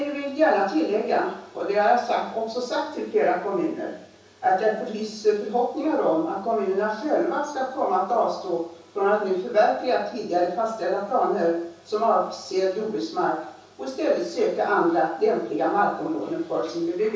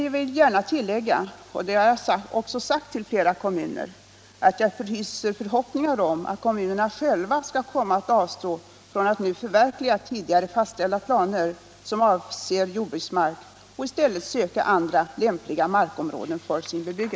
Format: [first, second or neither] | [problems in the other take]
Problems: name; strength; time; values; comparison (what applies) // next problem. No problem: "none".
second | room echo; dies away in 0.6 s